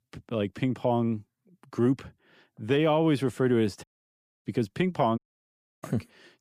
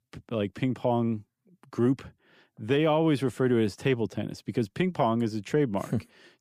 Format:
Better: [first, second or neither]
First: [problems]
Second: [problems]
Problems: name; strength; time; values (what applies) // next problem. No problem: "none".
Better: second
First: audio cutting out; at 4 s for 0.5 s and at 5 s for 0.5 s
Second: none